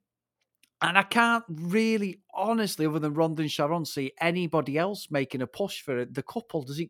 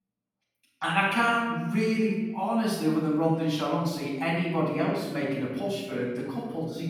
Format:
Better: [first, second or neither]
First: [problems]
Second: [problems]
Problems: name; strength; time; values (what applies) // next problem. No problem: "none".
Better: first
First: none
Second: off-mic speech; far // room echo; noticeable; dies away in 1.2 s